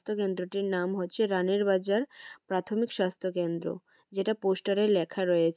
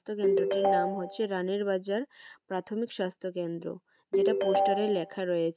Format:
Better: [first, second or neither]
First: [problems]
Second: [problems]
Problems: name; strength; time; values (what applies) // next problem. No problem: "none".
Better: first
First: none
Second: background sound (Ringtone); 4 dB above the speech